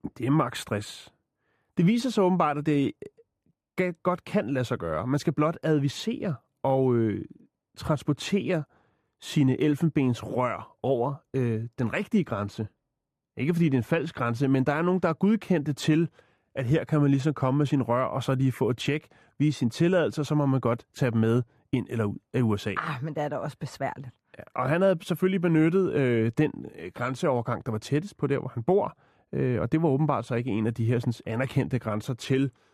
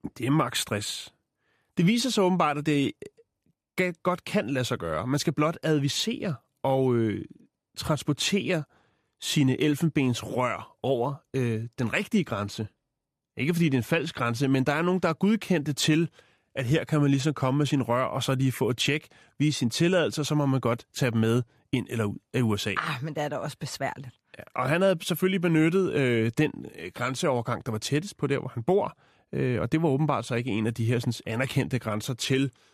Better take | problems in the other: second | muffled; slightly; fading above 2 kHz

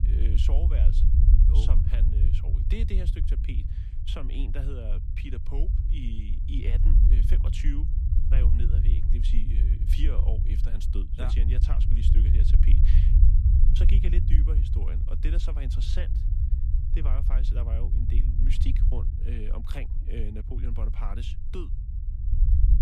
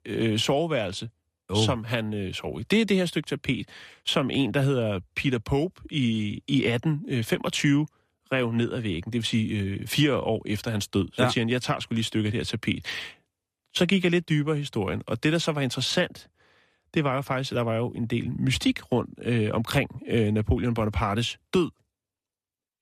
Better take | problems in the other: second | low rumble; loud; throughout; 1 dB below the speech

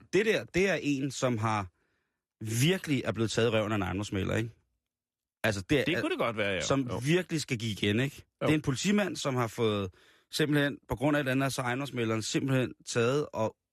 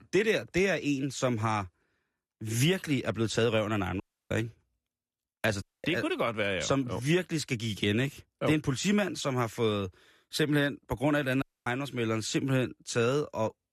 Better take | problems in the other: first | audio cutting out; at 4 s, at 5.5 s and at 11 s

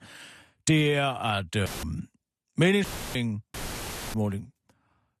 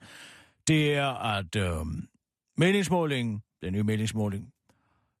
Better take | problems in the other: second | audio cutting out; filled with static; at 1.5 s, at 3 s and at 3.5 s for 0.5 s

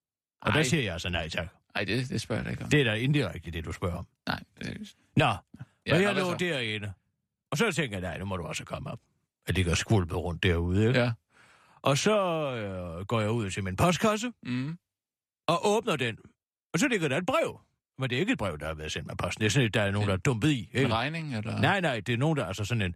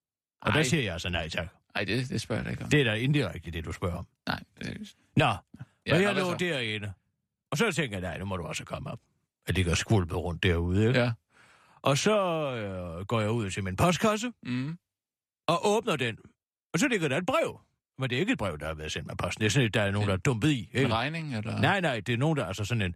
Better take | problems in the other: neither | none

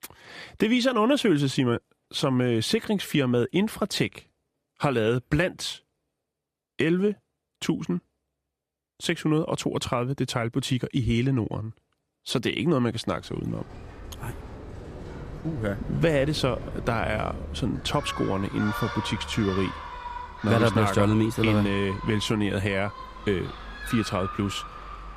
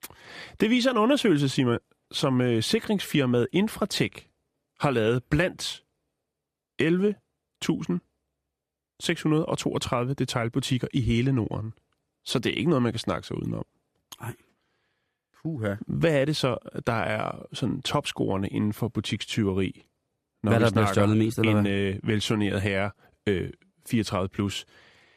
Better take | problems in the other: second | animal sounds; noticeable; from 13 s on; 10 dB below the speech

